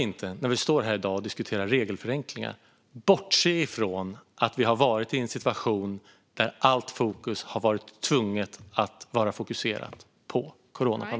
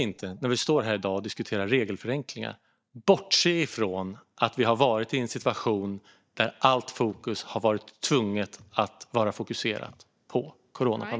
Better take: first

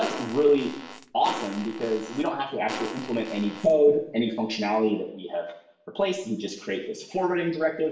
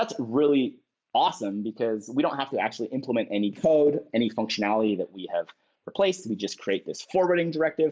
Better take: second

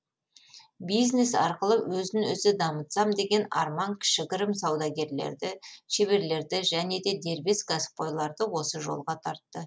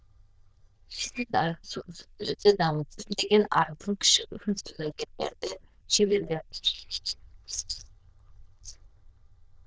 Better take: first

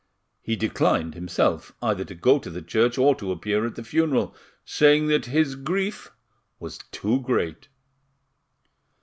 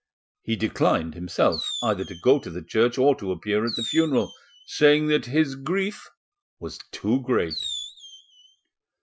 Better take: first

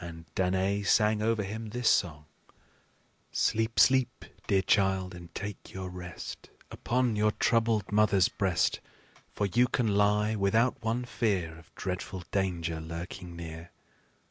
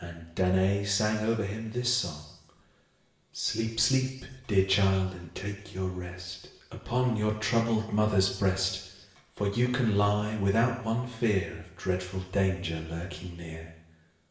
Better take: first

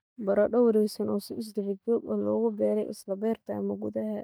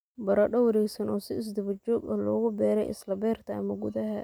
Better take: second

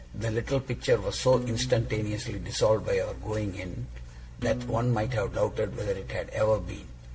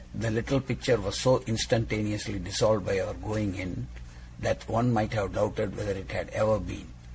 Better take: second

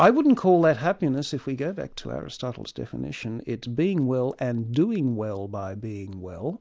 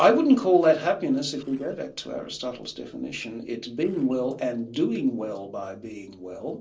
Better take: first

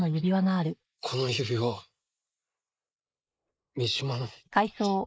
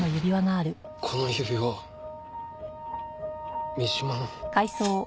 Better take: second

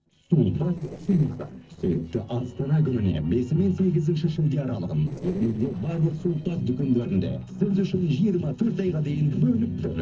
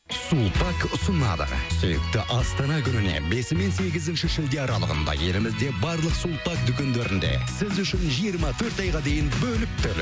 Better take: second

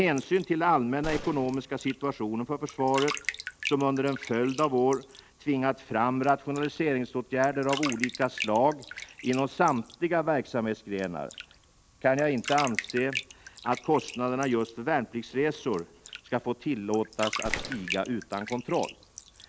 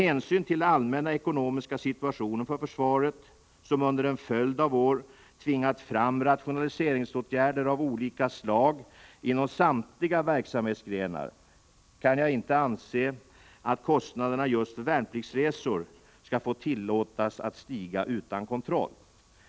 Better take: second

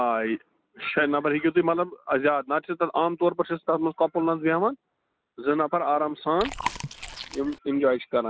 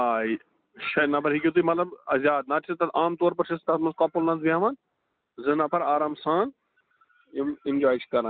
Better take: second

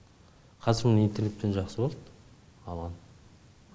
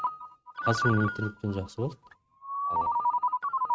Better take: first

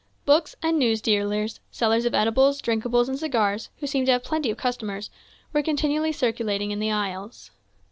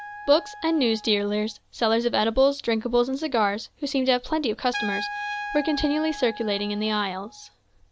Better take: first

